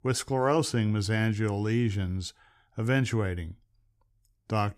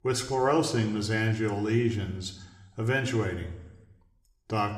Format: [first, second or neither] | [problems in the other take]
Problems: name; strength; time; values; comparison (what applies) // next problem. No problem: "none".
first | room echo; very slight; dies away in 0.8 s